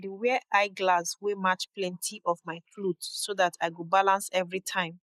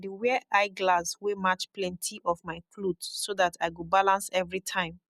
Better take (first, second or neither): second